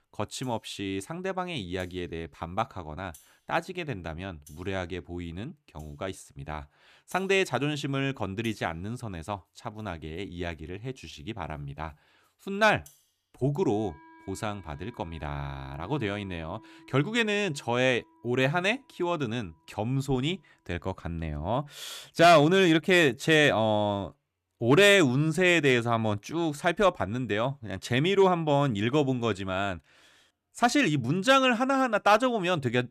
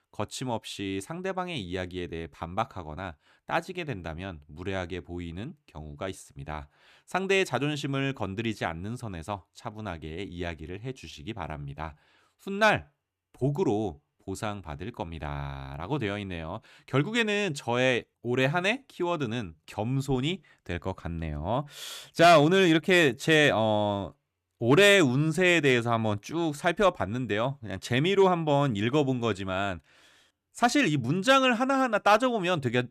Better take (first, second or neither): second